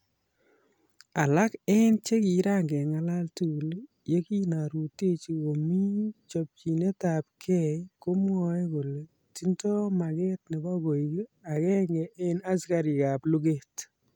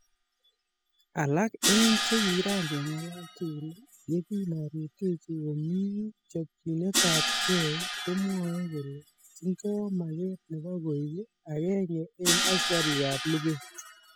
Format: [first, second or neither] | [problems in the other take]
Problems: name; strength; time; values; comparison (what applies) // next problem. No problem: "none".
first | noise reduction (classical method spectral subtraction)